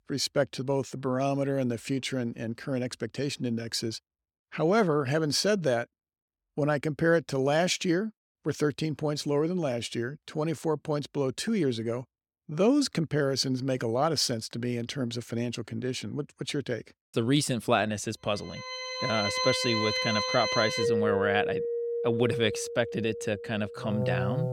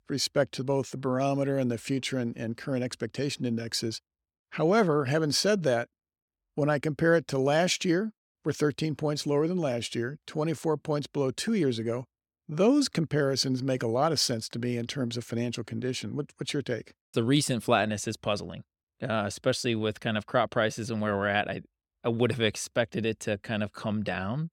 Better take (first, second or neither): second